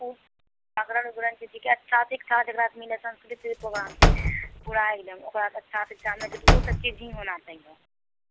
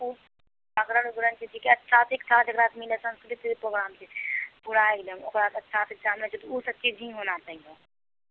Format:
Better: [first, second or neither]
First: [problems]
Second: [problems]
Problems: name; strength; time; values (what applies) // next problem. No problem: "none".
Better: second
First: background sound (Slam / Wood); 5 dB above the speech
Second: none